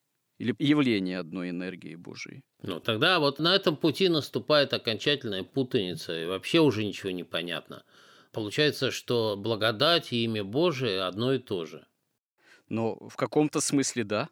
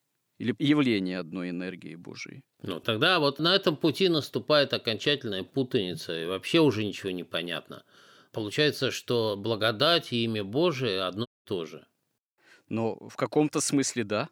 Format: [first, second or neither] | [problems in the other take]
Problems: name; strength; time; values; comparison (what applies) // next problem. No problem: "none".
first | audio cutting out; at 11 s